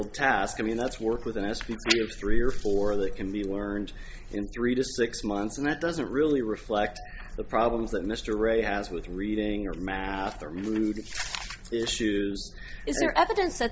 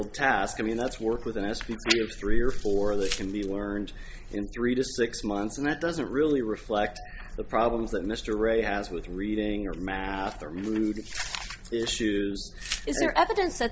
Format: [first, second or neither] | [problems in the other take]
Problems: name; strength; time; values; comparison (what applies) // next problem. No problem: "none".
first | background sound (Glass); 12 dB below the speech